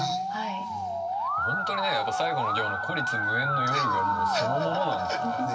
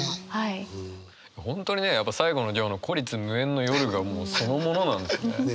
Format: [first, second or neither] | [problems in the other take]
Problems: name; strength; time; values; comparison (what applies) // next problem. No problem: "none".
second | background sound (Musical instrument); 5 dB above the speech // room echo; dies away in 1.9 s